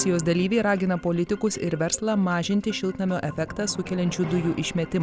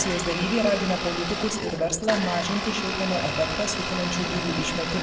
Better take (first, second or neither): first